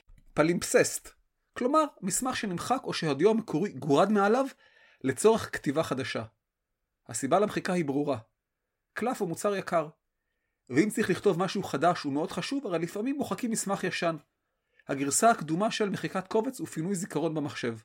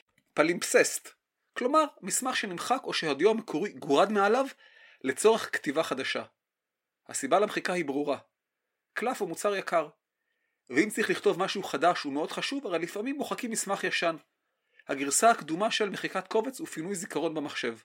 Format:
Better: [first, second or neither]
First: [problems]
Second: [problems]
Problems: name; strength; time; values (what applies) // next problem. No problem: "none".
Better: first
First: none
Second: thin; very slightly; fading below 300 Hz